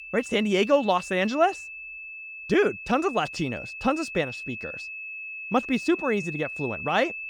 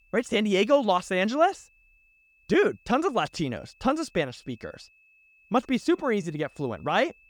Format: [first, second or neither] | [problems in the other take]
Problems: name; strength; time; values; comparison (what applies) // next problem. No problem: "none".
second | high-pitched whine; loud; throughout; 2.5 kHz, 10 dB below the speech; faint in the second